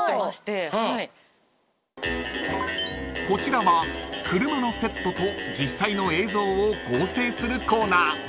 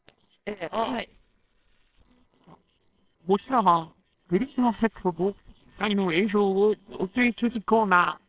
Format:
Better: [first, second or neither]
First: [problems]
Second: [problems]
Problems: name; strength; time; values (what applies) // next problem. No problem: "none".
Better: first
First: none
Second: noise reduction (neural separator model SepFormer WHAMR!)